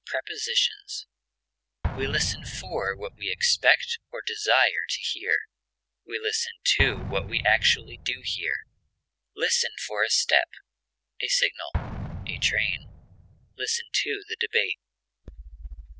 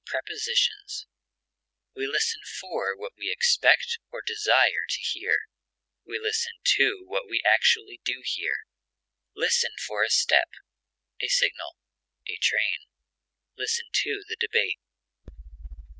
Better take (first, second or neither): second